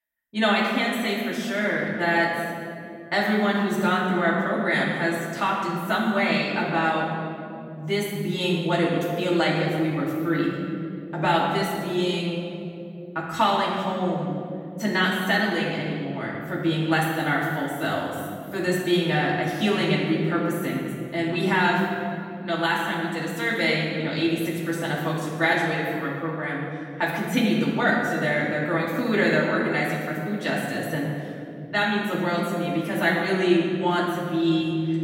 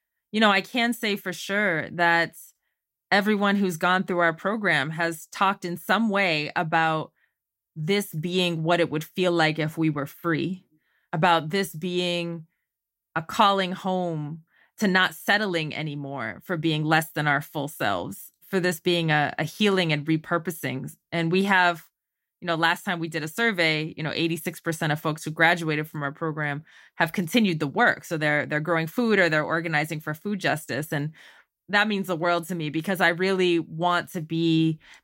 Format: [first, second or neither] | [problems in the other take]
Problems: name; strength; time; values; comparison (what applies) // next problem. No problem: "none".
second | off-mic speech; far // room echo; noticeable; dies away in 2.3 s